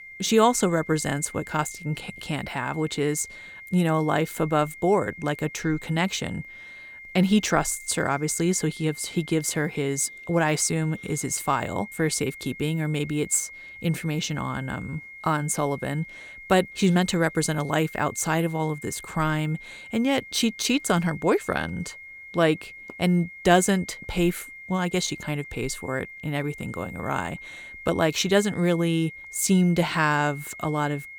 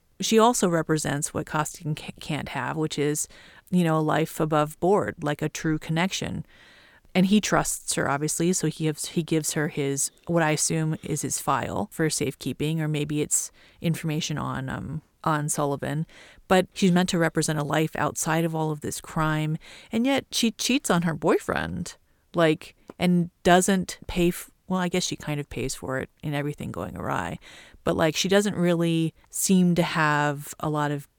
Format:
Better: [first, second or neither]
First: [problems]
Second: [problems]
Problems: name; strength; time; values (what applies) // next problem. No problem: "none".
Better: second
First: high-pitched whine; noticeable; throughout; 2 kHz, 15 dB below the speech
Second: none